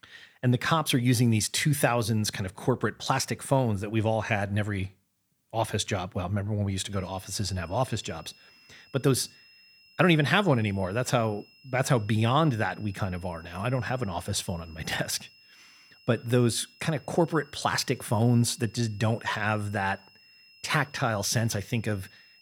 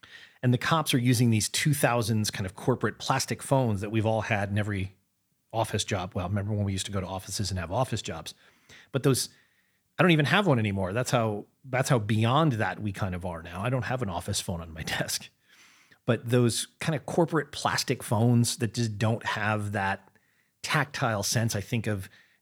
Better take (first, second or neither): second